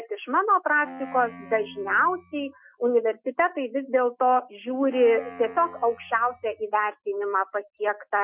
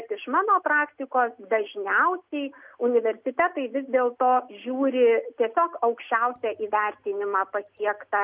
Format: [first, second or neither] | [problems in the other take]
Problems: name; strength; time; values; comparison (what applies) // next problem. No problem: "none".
second | noise reduction (classical method Wiener filter)